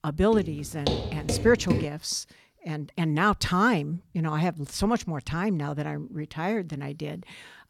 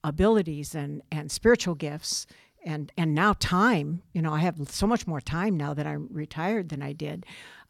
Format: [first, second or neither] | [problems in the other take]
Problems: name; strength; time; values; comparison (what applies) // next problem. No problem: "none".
second | footsteps; noticeable; until 2 s; peak 1 dB below the speech